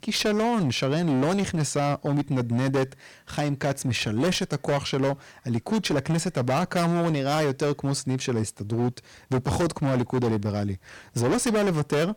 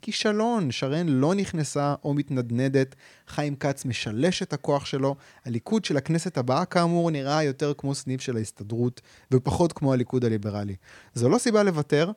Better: second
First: distortion; heavy; 21% of the sound clipped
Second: none

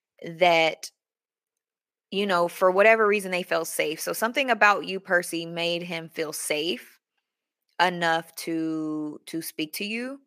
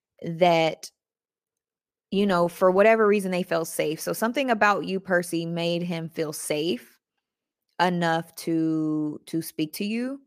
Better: second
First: thin; very slightly; fading below 500 Hz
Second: none

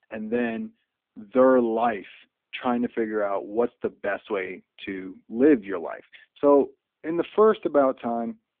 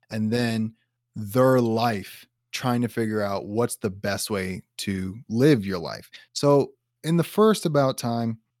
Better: second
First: phone-call audio; nothing above 3.5 kHz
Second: none

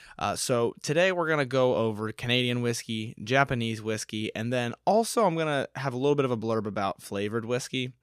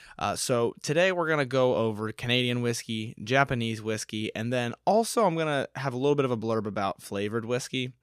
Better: neither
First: none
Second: none

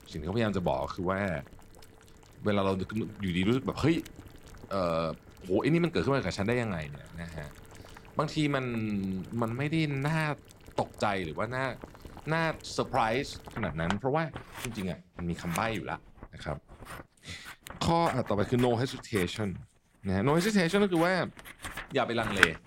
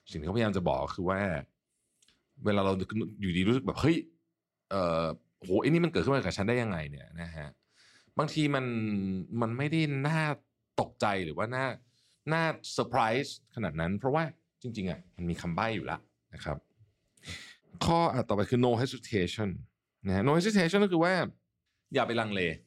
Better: second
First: household noises; noticeable; throughout; 10 dB below the speech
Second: none

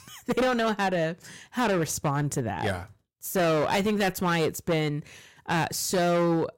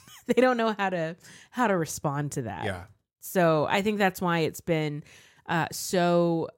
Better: second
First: distortion; heavy; 14% of the sound clipped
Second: none

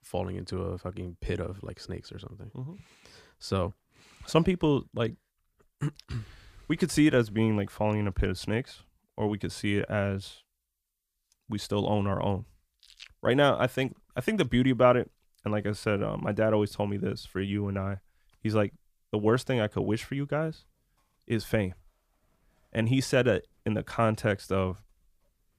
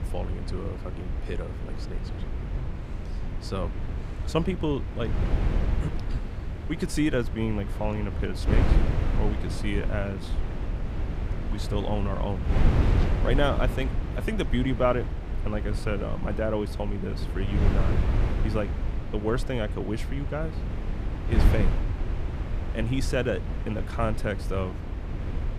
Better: first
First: none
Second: wind noise on the microphone; heavy; 7 dB below the speech

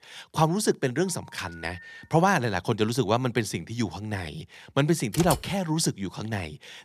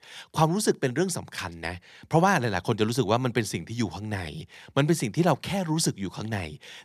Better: second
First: phone ringing; faint; from 1 to 2 s; peak 15 dB below the speech // keyboard typing; noticeable; at 5 s; peak 5 dB below the speech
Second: none

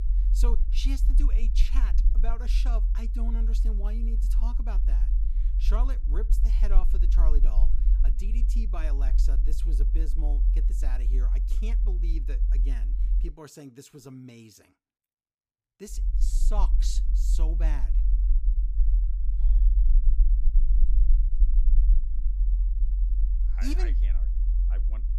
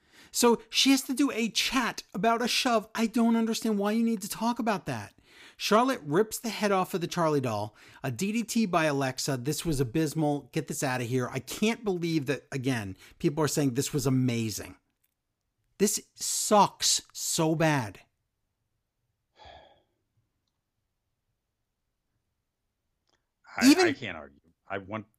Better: second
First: low rumble; loud; until 13 s and from 16 s on; 7 dB below the speech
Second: none

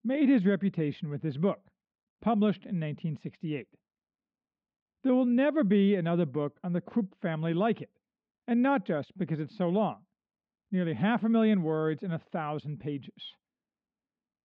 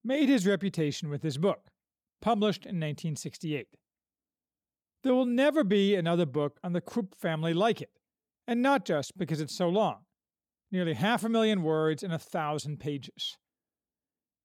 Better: second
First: muffled; very; fading above 3 kHz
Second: none

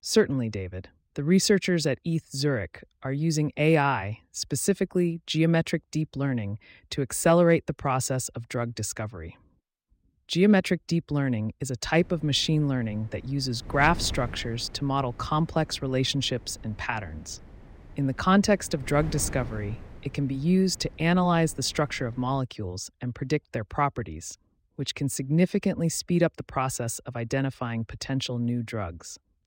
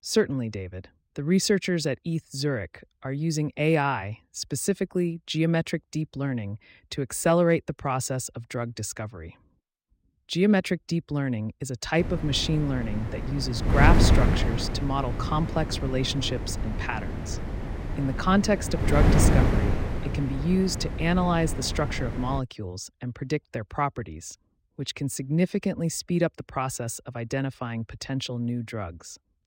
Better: first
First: wind noise on the microphone; occasional gusts; from 12 to 22 s; 20 dB below the speech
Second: wind noise on the microphone; heavy; from 12 to 22 s; 5 dB below the speech

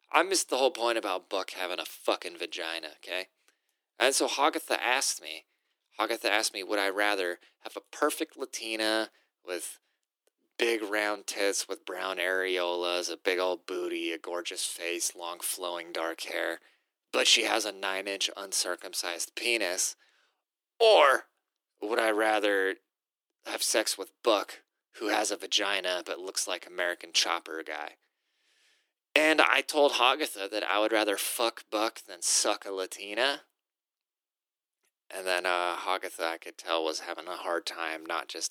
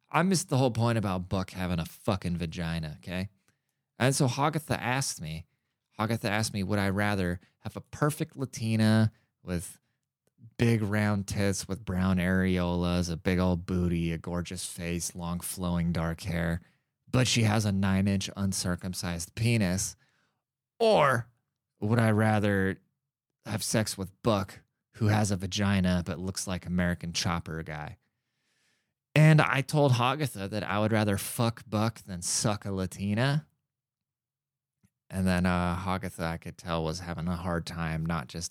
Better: second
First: thin; very; fading below 300 Hz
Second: none

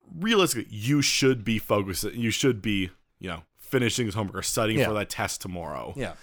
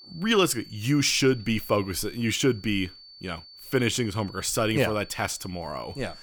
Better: first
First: none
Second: high-pitched whine; noticeable; throughout; 4.5 kHz, 20 dB below the speech

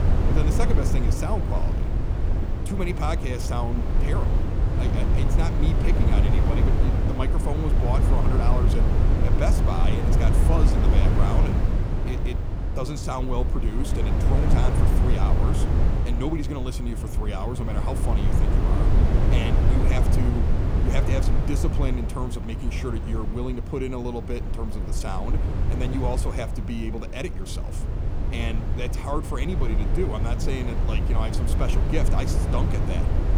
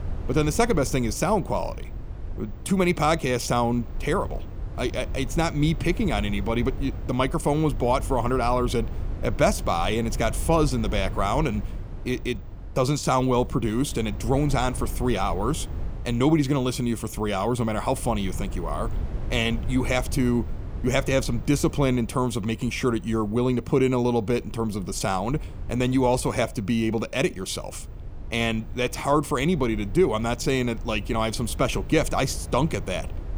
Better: second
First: wind noise on the microphone; heavy; 1 dB below the speech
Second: wind noise on the microphone; occasional gusts; 20 dB below the speech

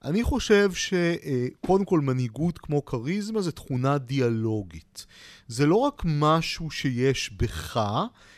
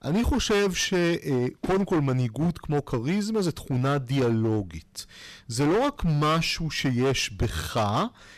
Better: first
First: none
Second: distortion; heavy; 15% of the sound clipped

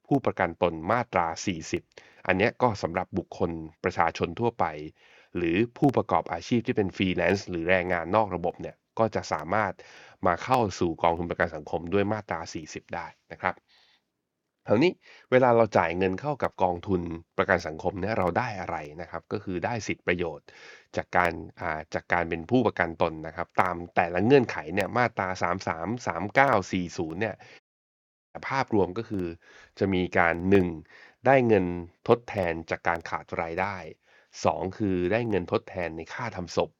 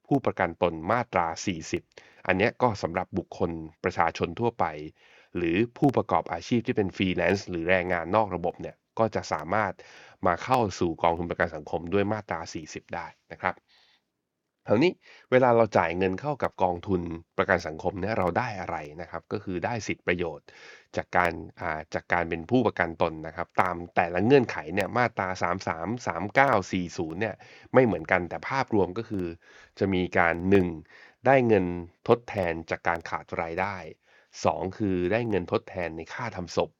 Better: second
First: audio cutting out; at 28 s for 0.5 s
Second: none

